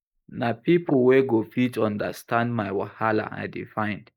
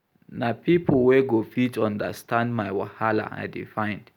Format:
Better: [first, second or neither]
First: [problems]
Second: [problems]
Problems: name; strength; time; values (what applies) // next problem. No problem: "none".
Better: second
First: noise reduction (neural mask model Resemble Enhance denoiser)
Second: none